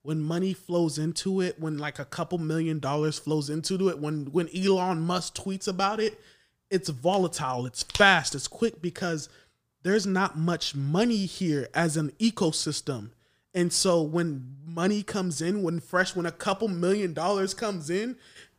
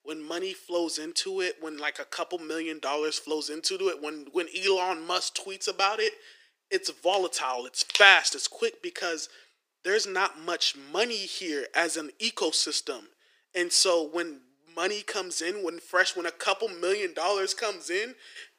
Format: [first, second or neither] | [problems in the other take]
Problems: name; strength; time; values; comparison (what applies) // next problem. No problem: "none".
first | thin; very; fading below 350 Hz